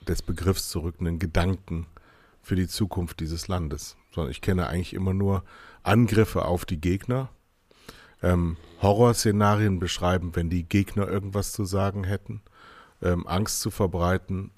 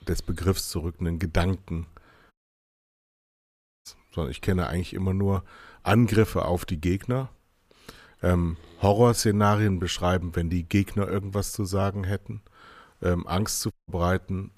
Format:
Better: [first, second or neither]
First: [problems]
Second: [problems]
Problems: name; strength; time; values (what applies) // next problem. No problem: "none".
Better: first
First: none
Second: audio cutting out; at 2.5 s for 1.5 s and at 14 s